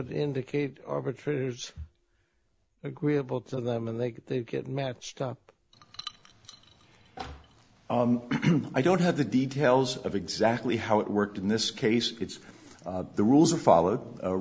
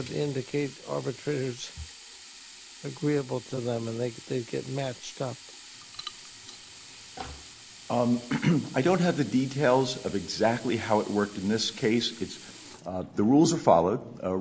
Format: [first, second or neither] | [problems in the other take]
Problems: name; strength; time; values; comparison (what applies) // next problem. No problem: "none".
first | background sound (Sink (filling or washing)); 19 dB below the speech